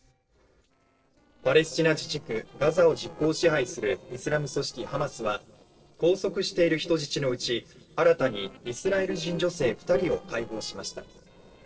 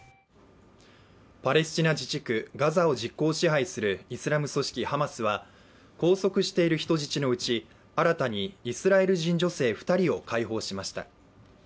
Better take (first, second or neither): second